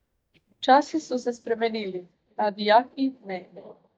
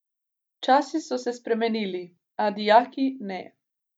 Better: second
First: noise reduction (neural mask model DeepFilterNet 3)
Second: none

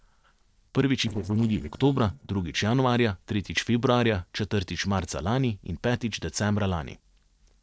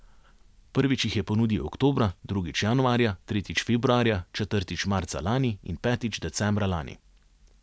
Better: second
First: noise reduction (neural separator model SepFormer DNS4)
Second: none

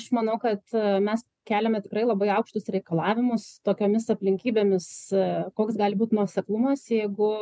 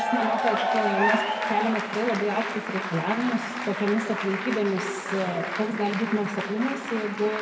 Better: first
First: none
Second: background sound (Applause / Cheering); 2 dB below the speech // room echo; dies away in 1.6 s

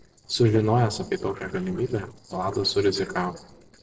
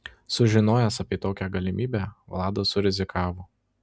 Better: second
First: noise reduction (neural separator model SepFormer DNS4)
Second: none

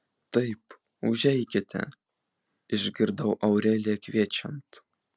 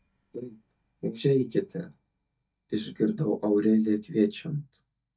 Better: first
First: none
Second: noise reduction (neural mask model DeepFilterNet 3)

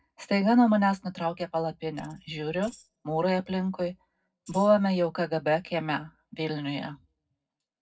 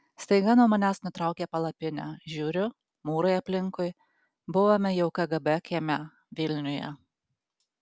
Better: second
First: noise reduction (neural separator model SepFormer DNS4)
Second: none

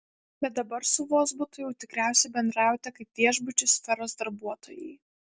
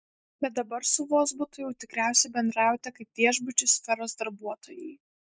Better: first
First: none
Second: noise reduction (neural mask model Resemble Enhance denoiser)

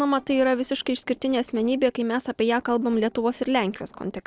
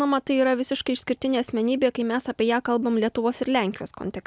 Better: second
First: noise reduction (neural separator model SepFormer DNS4)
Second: none

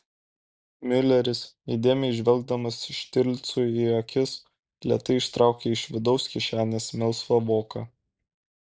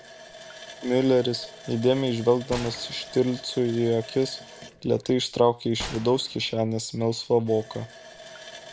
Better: first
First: none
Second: background sound (Water tap, faucet + Gunshot, gunfire); 17 dB below the speech

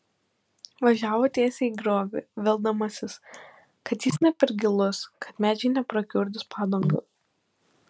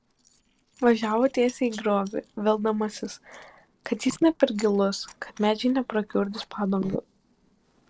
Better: first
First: none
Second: noise reduction (neural separator model SepFormer DNS4)

